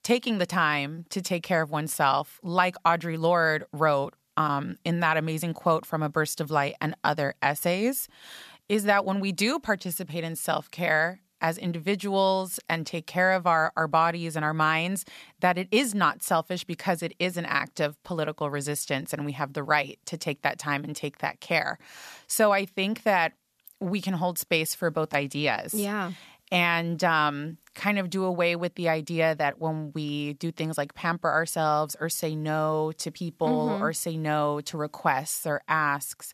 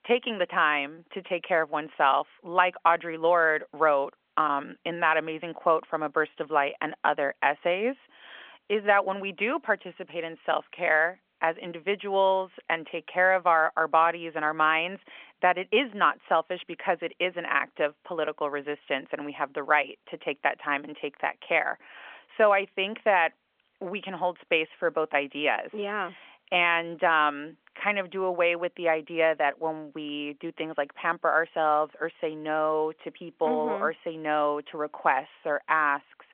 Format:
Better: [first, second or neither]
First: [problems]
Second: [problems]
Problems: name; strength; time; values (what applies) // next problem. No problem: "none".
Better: first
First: none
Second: phone-call audio